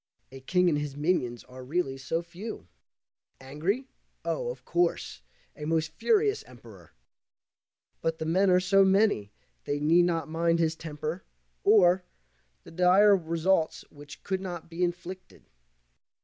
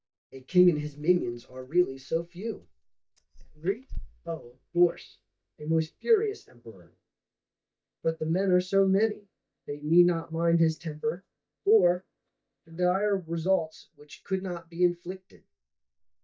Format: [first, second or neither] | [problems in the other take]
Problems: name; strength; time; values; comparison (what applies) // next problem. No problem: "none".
first | noise reduction (neural mask model DeepFilterNet 3)